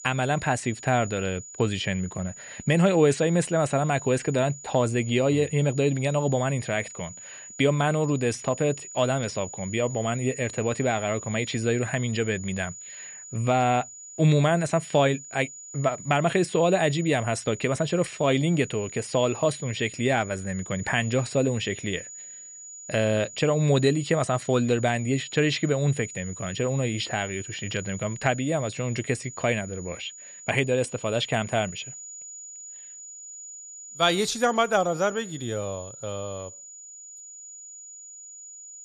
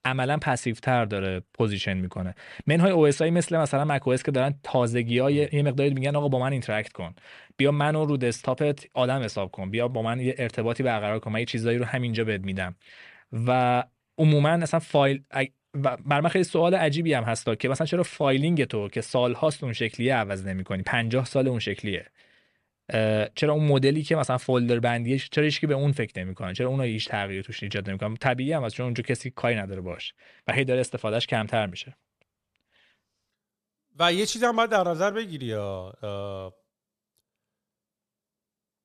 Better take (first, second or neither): second